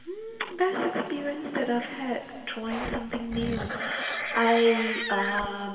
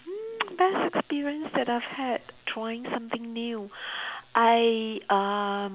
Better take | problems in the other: second | background sound (Livestock, farm animals, working animals); 4 dB below the speech // room echo; dies away in 2.5 s

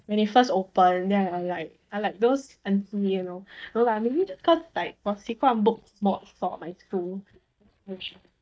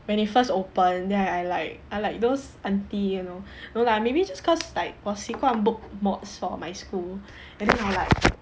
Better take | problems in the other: second | noise reduction (neural mask model DeepFilterNet 3)

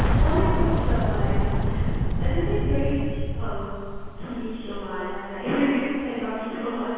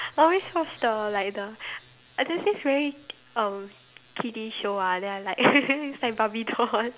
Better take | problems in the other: second | background sound (Boom); 4 dB above the speech // room echo; dies away in 2 s

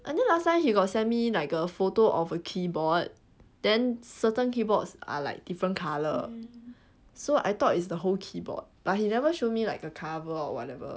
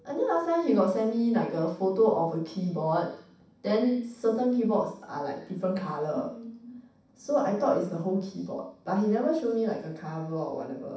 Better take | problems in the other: first | room echo; dies away in 0.7 s

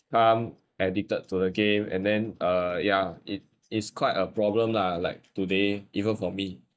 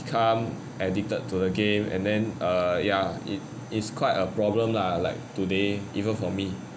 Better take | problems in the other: second | noise reduction (neural mask model DeepFilterNet 3)

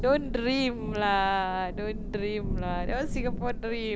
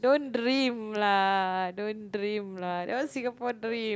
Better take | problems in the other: second | background sound (Thunder / Rain); 4 dB below the speech

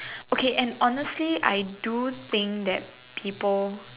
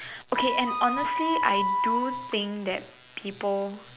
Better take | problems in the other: first | background sound (Wind instrument, woodwind instrument); 2 dB above the speech

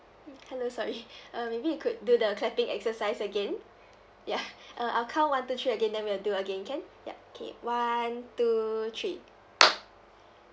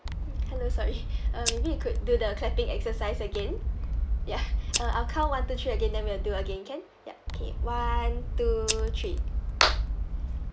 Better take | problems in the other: first | background sound (Scissors); 4 dB above the speech

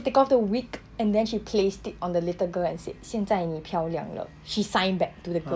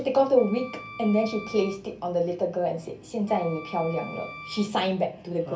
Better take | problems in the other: first | background sound (Wind instrument, woodwind instrument); 17 dB below the speech // room echo; dies away in 0.3 s

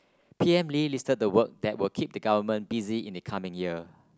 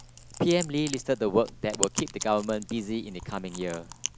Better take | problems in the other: first | background sound (Chewing, mastication); 9 dB below the speech

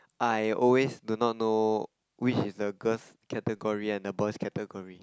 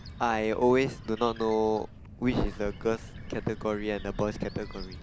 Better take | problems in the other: first | background sound (Bird); 11 dB below the speech

